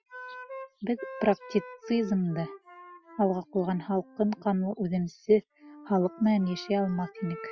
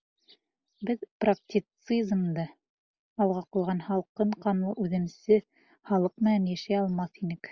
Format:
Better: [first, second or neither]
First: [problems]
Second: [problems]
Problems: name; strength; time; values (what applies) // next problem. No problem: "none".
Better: second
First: noise reduction (classical method Wiener filter)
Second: none